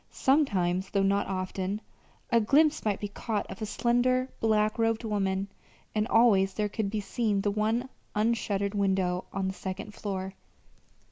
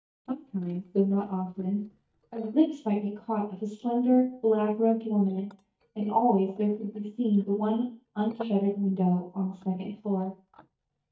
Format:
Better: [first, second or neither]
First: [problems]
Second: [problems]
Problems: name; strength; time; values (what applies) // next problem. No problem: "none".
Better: first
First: none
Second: noise reduction (neural mask model DeepFilterNet 3)